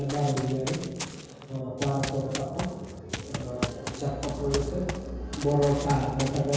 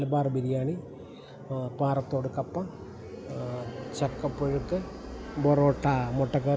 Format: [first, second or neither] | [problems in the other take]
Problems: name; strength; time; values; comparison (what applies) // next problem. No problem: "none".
second | background sound (Run); 9 dB below the speech // room echo; dies away in 1.2 s